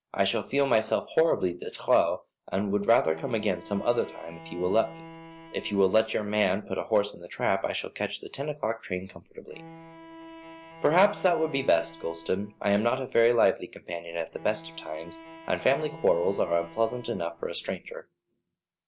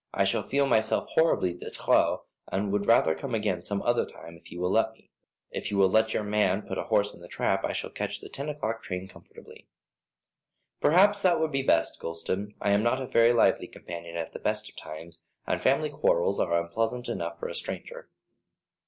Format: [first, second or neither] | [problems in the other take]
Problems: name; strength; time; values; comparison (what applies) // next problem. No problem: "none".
second | background sound (Bowed string instrument); 18 dB below the speech